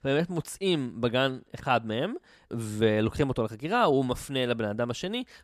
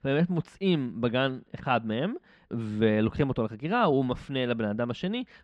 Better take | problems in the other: first | muffled; slightly; fading above 3 kHz

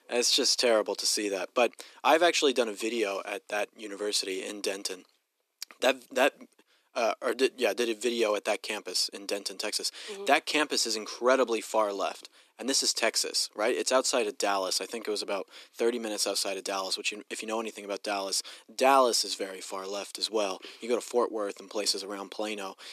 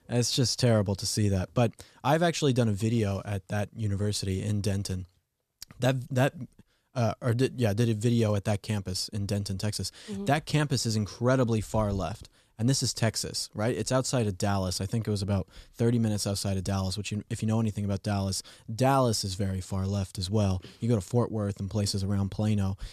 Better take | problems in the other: second | thin; very; fading below 300 Hz

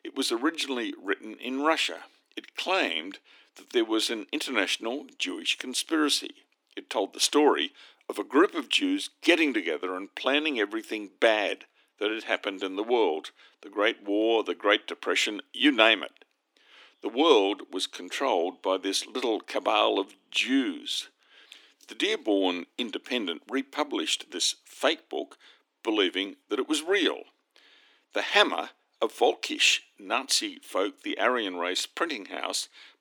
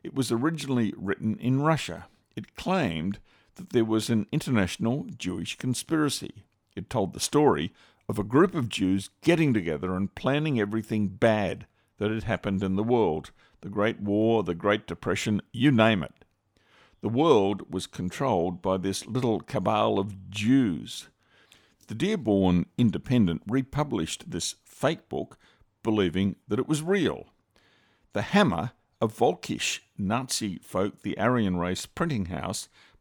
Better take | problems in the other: second | thin; somewhat; fading below 300 Hz

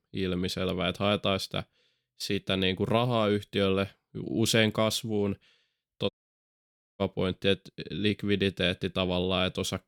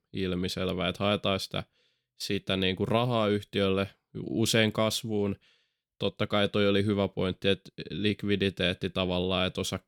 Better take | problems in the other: second | audio cutting out; at 6 s for 1 s

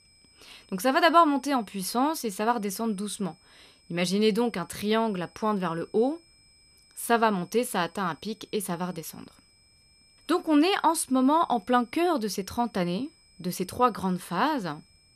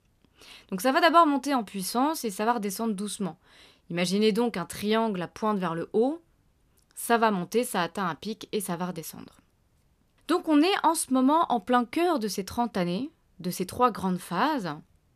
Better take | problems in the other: second | high-pitched whine; faint; throughout; 5 kHz, 30 dB below the speech

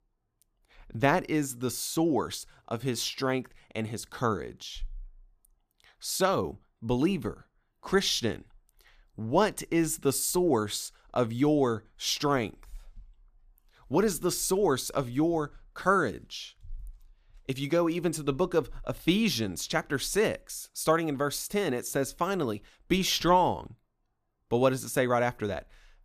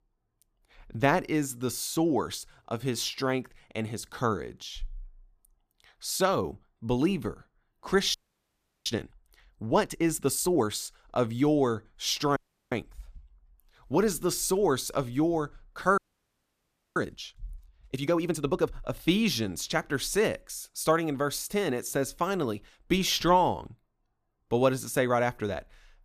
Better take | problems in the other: first | audio freezing; at 8 s for 0.5 s, at 12 s and at 16 s for 1 s

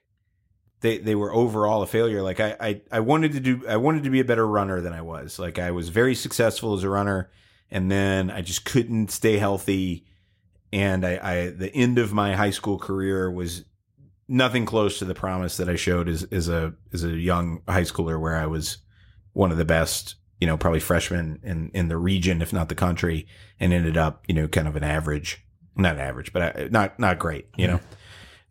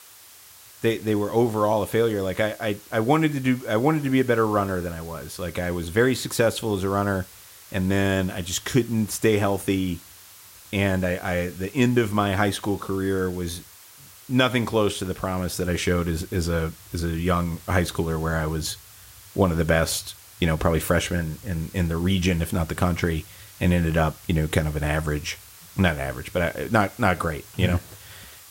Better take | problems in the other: first | hiss; faint; throughout; 20 dB below the speech

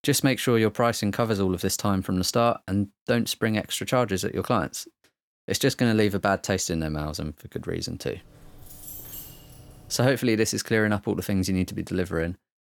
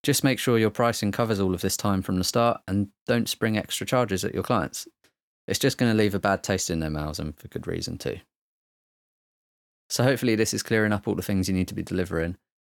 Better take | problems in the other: second | jangling keys; faint; from 8 to 10 s; peak 10 dB below the speech

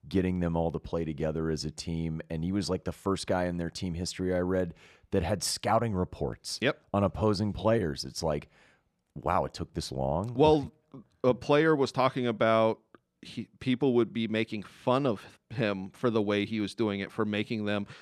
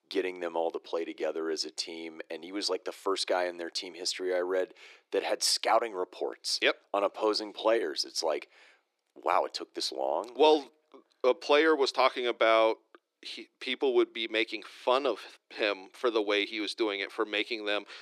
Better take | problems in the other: first | thin; very; fading below 350 Hz

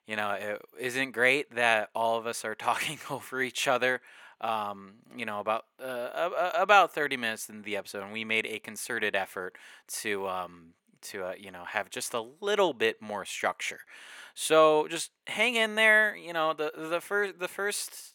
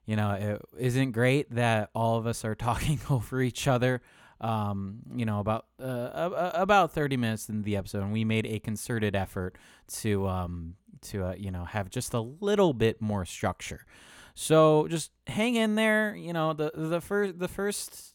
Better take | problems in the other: second | thin; very; fading below 450 Hz

